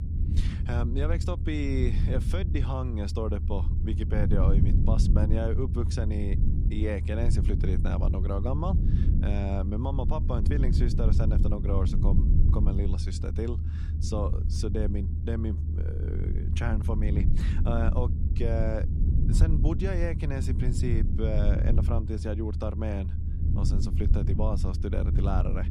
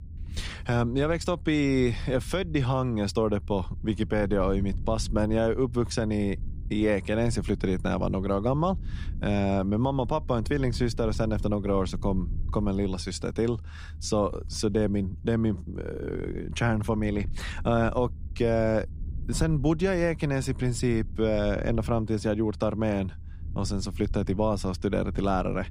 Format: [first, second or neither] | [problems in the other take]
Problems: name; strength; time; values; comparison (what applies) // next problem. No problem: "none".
second | low rumble; loud; throughout; 6 dB below the speech; faint in the second